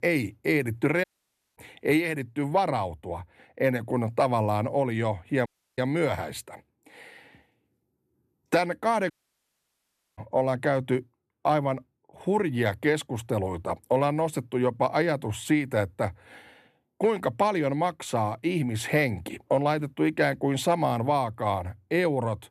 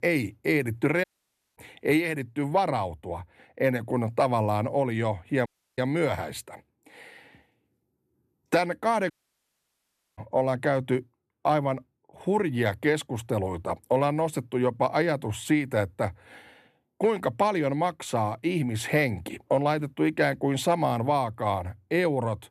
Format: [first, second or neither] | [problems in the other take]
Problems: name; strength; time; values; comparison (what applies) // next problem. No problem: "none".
neither | audio cutting out; at 1 s for 0.5 s, at 5.5 s and at 9 s for 1 s; the same in both